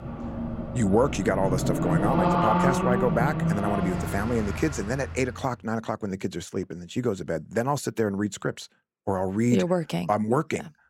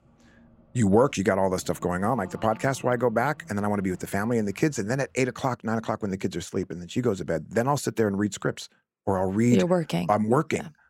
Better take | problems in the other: second | traffic noise; loud; until 5 s; as loud as the speech; faint in the second

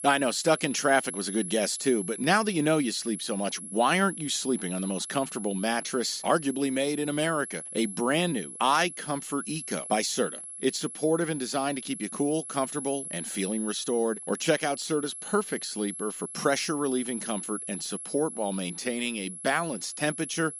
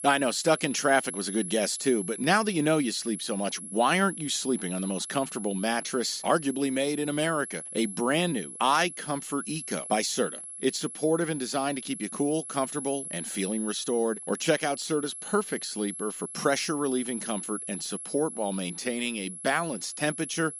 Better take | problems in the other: neither | high-pitched whine; loud; throughout; 11 kHz, 9 dB below the speech; the same in both

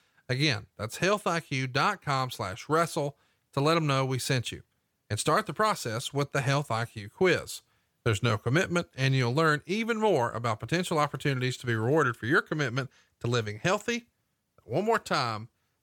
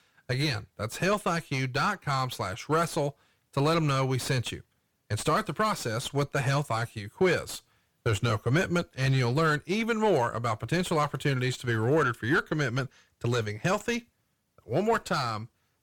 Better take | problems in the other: first | distortion; slight; 9 dB below the speech

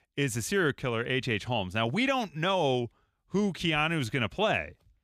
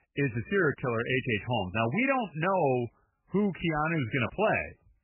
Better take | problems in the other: first | garbled, watery; badly; nothing above 3 kHz

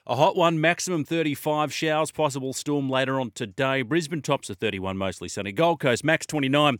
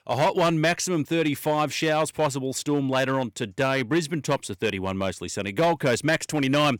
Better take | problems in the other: first | distortion; slight; 5% of the sound clipped

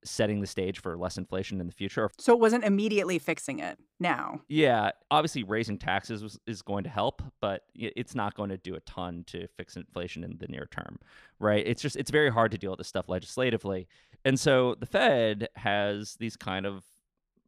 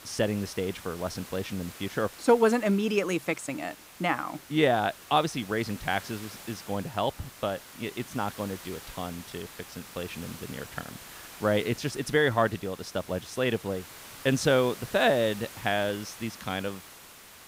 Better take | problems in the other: first | hiss; noticeable; throughout; 15 dB below the speech

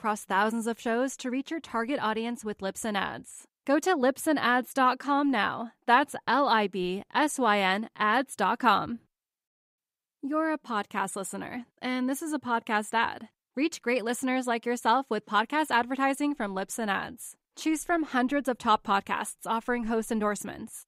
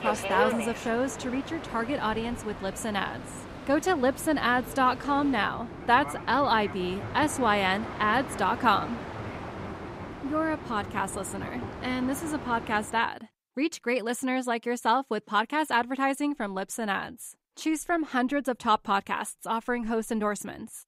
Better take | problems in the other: first | train or aircraft noise; loud; until 13 s; 10 dB below the speech

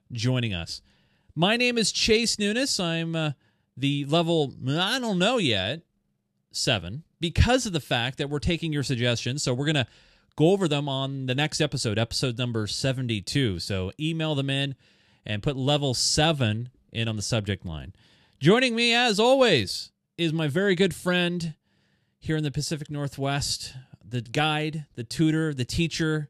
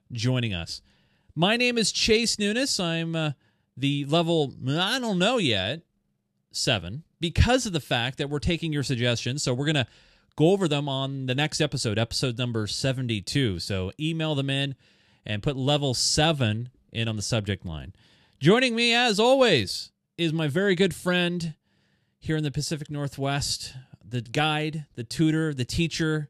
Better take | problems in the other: neither | none

